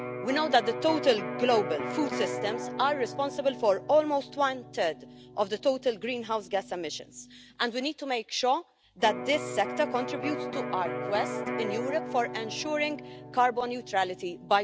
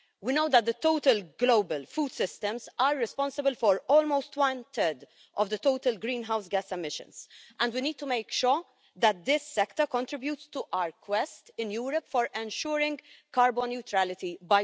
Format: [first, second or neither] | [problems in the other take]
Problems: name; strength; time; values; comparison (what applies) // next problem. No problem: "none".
second | background sound (Electric guitar); 8 dB below the speech